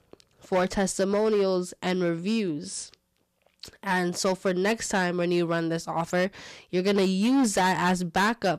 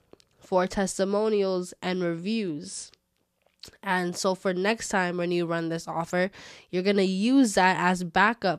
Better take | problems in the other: second | distortion; slight; 7% of the sound clipped

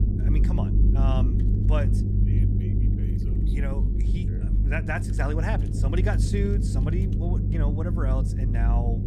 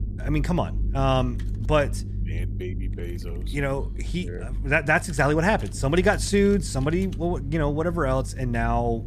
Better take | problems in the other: second | low rumble; loud; throughout; 3 dB below the speech; faint in the second

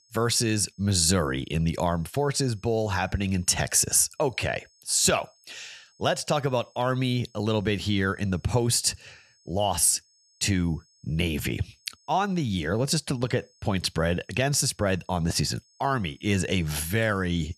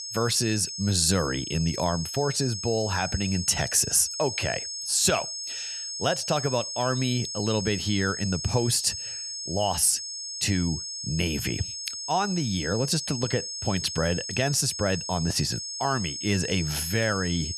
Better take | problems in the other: first | high-pitched whine; loud; throughout; 5 kHz, 6 dB below the speech; faint in the first

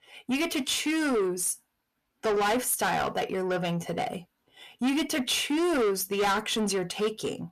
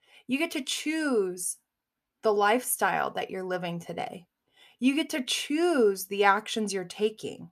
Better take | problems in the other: second | distortion; heavy; 6 dB below the speech

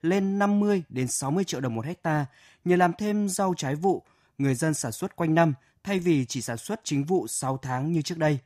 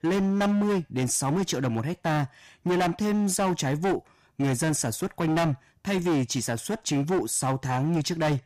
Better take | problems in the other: first | distortion; heavy; 19% of the sound clipped

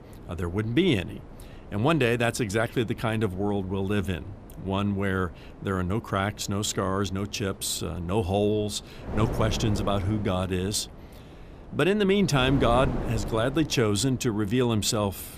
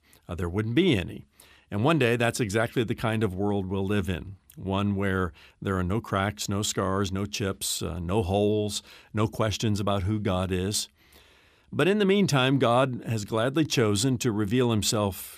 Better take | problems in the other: second | wind noise on the microphone; occasional gusts; 15 dB below the speech

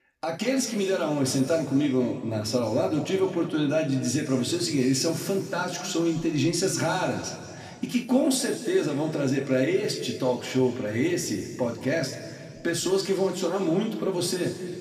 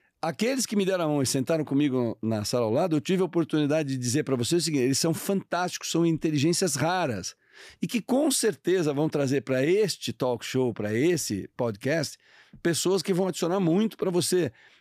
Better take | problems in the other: second | room echo; slight; dies away in 2 s // off-mic speech; somewhat distant

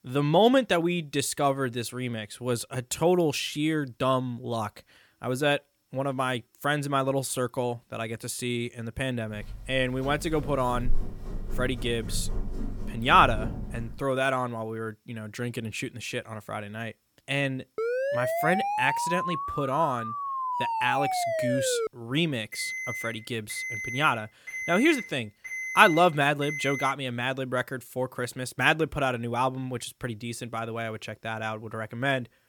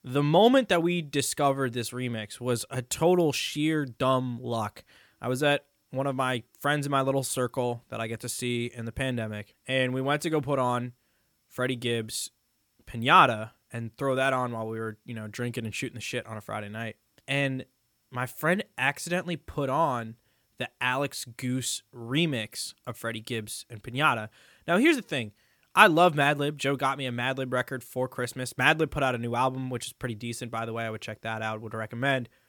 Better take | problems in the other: second | footsteps; noticeable; from 9.5 to 14 s; peak 6 dB below the speech // siren; noticeable; from 18 to 22 s; peak level with the speech // alarm; noticeable; from 23 to 27 s; peak 4 dB below the speech

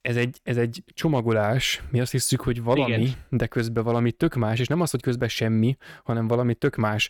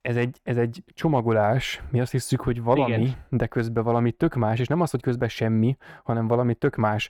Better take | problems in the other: first | muffled; slightly; fading above 2.5 kHz

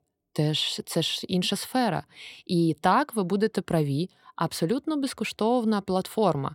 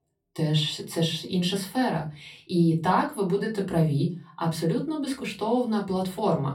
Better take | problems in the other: first | off-mic speech; far // room echo; very slight; dies away in 0.3 s

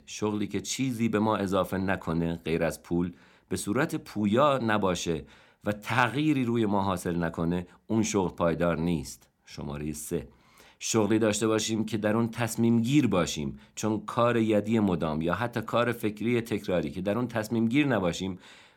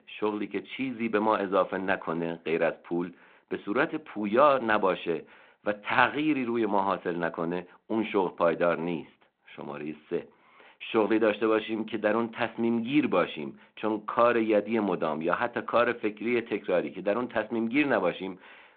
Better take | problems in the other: first | phone-call audio; nothing above 4 kHz

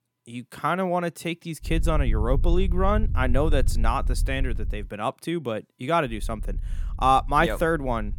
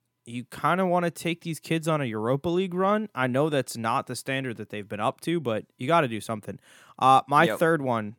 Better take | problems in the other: second | low rumble; faint; from 1.5 to 5 s and from 6 s on; 25 dB below the speech

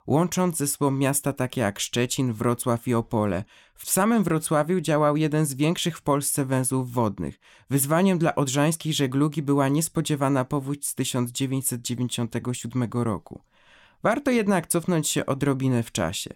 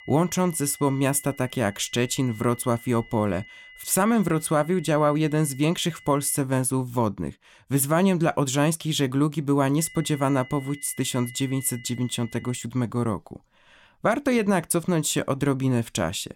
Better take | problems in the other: first | high-pitched whine; faint; until 6.5 s and from 10 to 13 s; 2 kHz, 20 dB below the speech

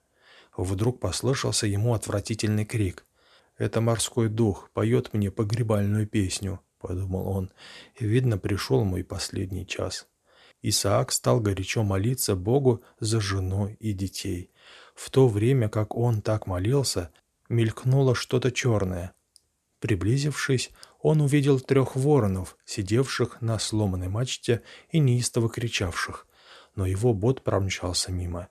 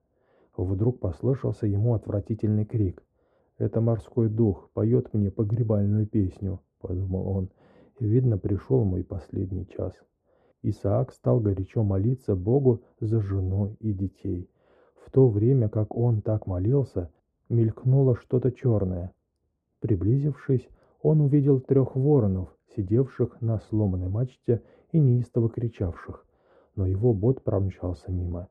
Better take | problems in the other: first | muffled; very; fading above 1.5 kHz

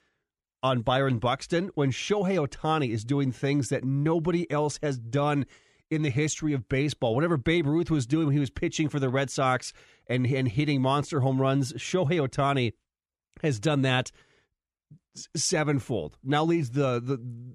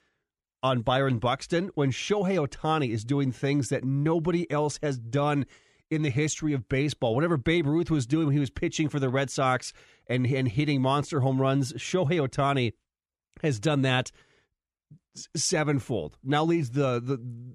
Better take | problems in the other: neither | none

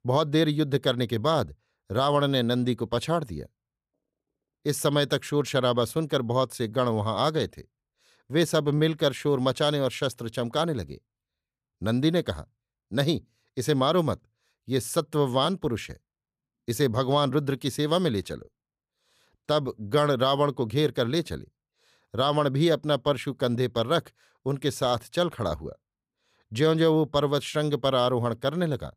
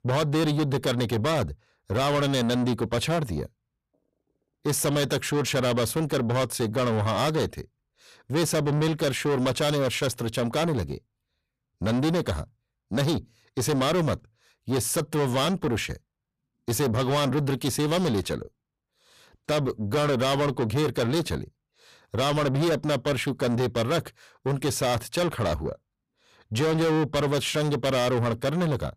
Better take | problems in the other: first | distortion; heavy; 6 dB below the speech

